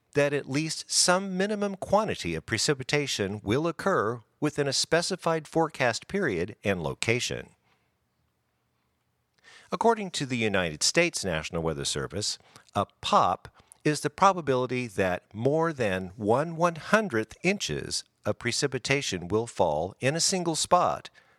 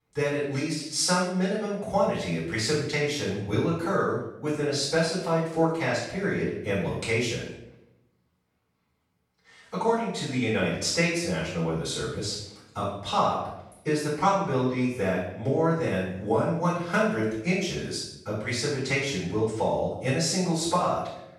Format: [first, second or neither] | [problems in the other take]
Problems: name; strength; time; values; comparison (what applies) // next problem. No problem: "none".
first | off-mic speech; far // room echo; noticeable; dies away in 0.7 s